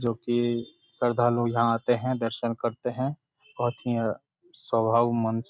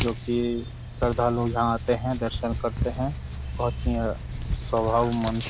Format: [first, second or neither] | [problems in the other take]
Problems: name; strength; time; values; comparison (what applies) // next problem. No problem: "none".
first | background sound (Tearing); 5 dB below the speech